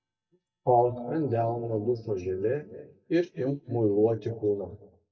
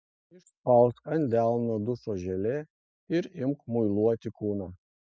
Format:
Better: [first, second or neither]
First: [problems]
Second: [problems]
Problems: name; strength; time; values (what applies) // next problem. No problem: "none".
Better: second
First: noise reduction (neural mask model DeepFilterNet 3)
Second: none